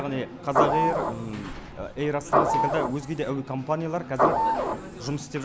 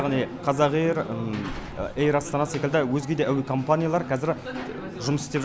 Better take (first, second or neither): second